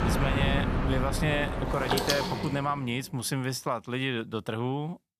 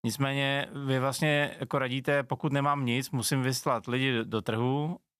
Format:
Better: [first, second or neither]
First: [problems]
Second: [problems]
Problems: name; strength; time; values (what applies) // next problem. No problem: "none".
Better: second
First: train or aircraft noise; very loud; until 2.5 s; 1 dB above the speech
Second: none